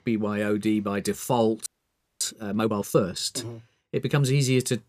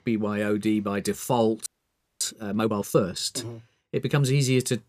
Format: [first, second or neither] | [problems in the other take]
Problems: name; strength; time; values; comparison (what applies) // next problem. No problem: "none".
neither | audio freezing; at 1.5 s for 0.5 s; the same in both